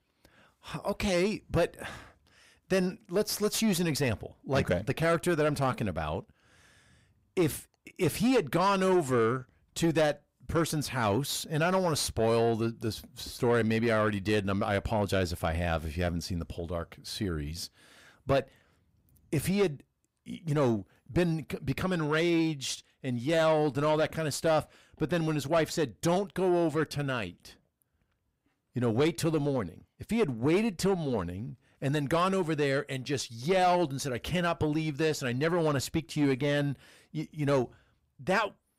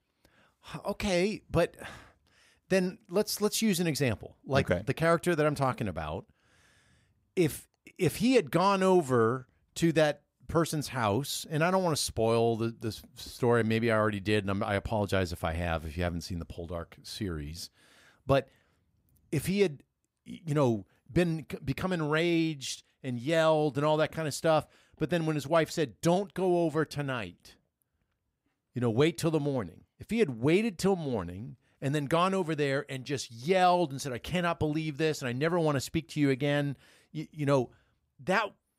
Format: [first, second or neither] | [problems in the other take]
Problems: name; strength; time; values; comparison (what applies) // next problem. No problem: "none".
second | distortion; slight; 10 dB below the speech